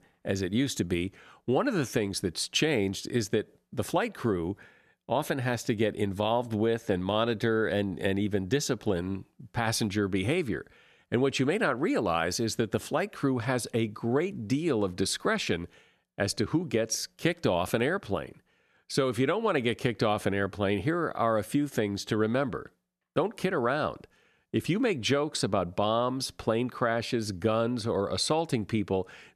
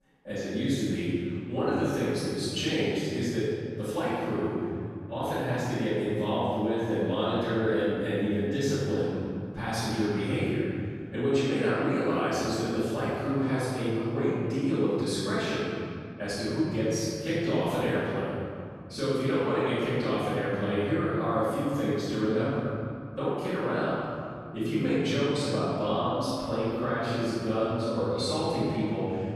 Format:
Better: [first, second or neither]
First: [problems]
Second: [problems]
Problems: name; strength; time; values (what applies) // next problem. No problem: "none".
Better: first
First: none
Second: off-mic speech; far // room echo; strong; dies away in 2.4 s